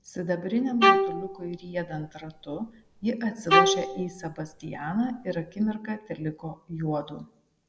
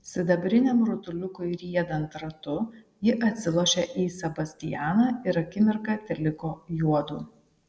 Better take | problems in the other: second | background sound (Bowed string instrument); 4 dB above the speech

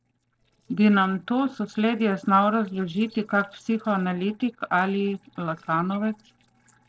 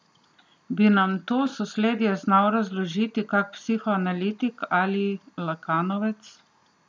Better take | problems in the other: second | noise reduction (neural separator model SepFormer DNS4)

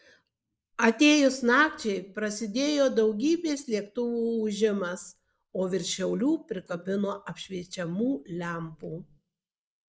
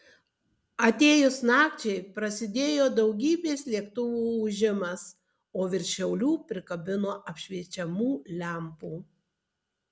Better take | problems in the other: second | noise reduction (neural mask model Resemble Enhance denoiser)

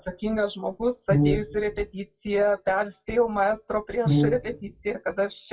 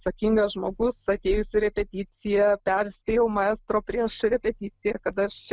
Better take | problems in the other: second | noise reduction (classical method WPE with log-MMSE)

